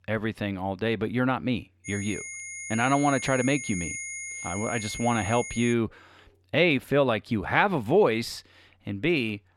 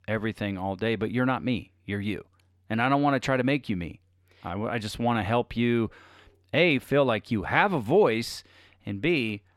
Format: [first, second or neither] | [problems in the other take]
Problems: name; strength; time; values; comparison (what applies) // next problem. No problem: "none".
second | high-pitched whine; loud; from 2 to 5.5 s; 2 kHz, 8 dB below the speech